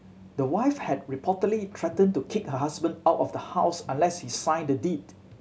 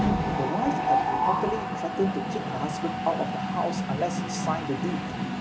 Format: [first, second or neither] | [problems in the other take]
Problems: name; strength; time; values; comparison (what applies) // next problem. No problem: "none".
first | background sound (Mechanisms); 3 dB above the speech